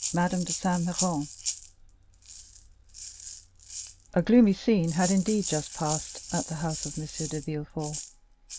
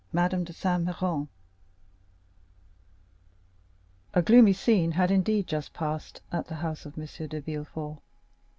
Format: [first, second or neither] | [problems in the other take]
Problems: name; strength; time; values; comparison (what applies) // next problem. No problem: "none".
second | background sound (Rattle (instrument)); 9 dB below the speech